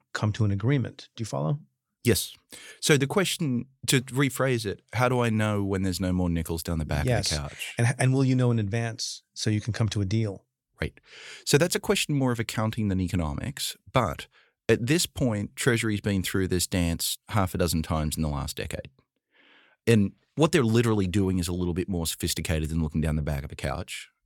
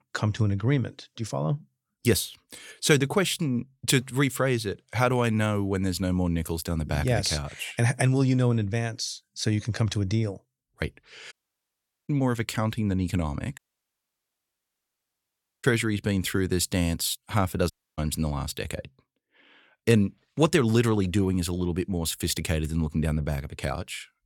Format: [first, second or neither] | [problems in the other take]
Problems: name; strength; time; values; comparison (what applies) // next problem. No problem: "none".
first | audio cutting out; at 11 s for 1 s, at 14 s for 2 s and at 18 s